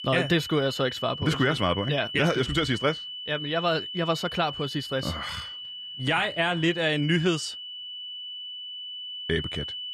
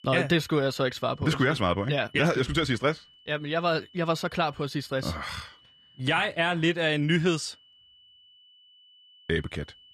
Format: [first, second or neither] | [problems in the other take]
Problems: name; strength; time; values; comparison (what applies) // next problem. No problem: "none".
second | high-pitched whine; loud; throughout; 3 kHz, 8 dB below the speech; faint in the second